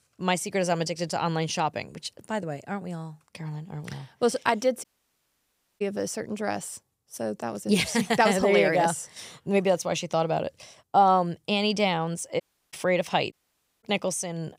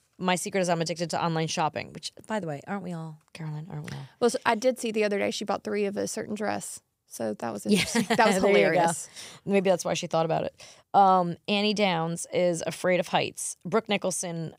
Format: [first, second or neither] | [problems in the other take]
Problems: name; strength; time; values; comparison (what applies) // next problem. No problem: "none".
second | audio cutting out; at 5 s for 1 s, at 12 s and at 13 s for 0.5 s